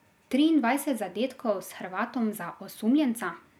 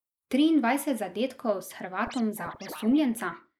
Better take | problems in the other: first | noise reduction (neural mask model Resemble Enhance denoiser)

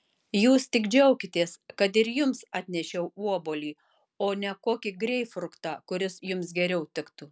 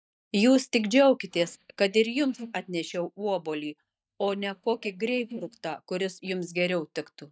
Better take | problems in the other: first | noise reduction (neural mask model DeepFilterNet 3)

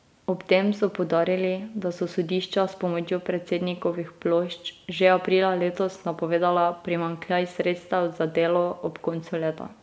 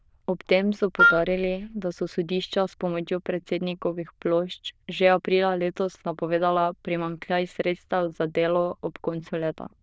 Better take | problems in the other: first | noise reduction (neural diffusion model UNIVERSE++)

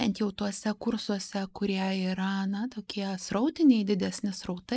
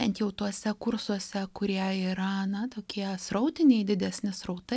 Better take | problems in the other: second | noise reduction (neural mask model Resemble Enhance denoiser)

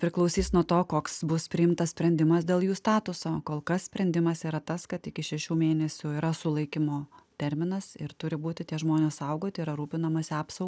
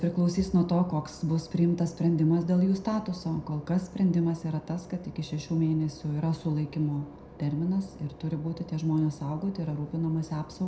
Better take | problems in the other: first | background sound (Engine / Boat, Water vehicle); 19 dB below the speech // room echo; dies away in 0.5 s

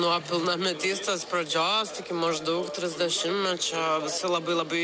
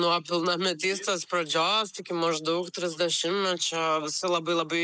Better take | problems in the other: first | noise reduction (neural mask model Resemble Enhance denoiser)

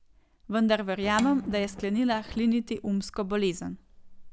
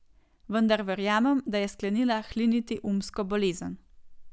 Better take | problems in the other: second | background sound (Bowed string instrument + Thunder); 15 dB below the speech

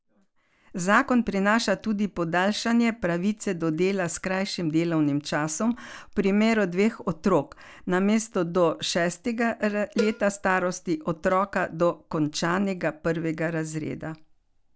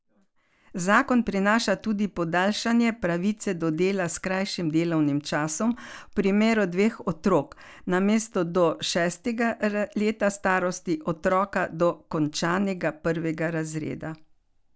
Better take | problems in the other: second | background sound (Cowbell); 13 dB below the speech

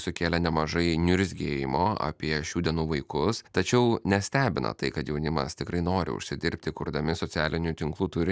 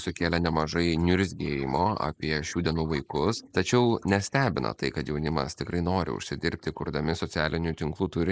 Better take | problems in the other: first | noise reduction (neural mask model Resemble Enhance denoiser)

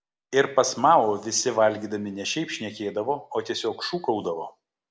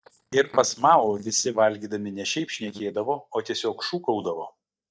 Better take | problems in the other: first | noise reduction (neural mask model DeepFilterNet 3)

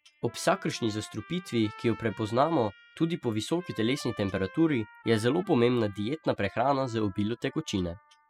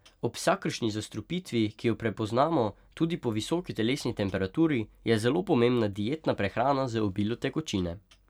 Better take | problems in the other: second | noise reduction (classical method spectral subtraction)

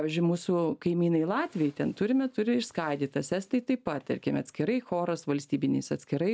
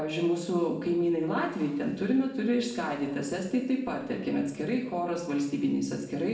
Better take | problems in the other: first | room echo; dies away in 0.8 s

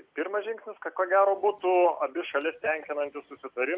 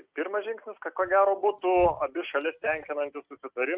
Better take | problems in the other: first | noise reduction (neural mask model RNNoise)

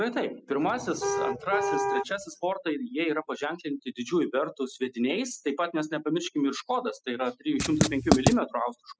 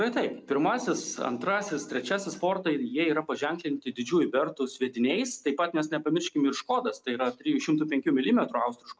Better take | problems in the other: second | noise reduction (classical method spectral subtraction)

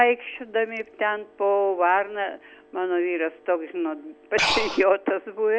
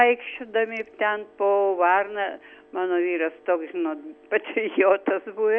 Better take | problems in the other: second | background sound (Breathing); as loud as the speech

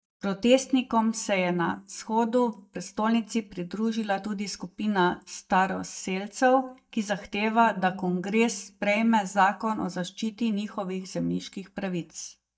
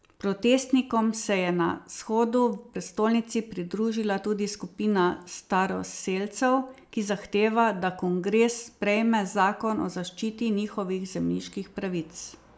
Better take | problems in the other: second | noise reduction (neural mask model DeepFilterNet 3)

